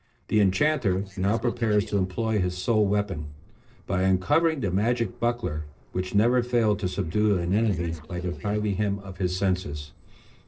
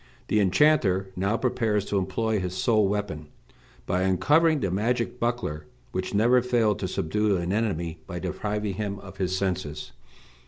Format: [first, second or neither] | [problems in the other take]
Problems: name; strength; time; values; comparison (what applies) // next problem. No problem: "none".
second | noise reduction (neural separator model SepFormer DNS4)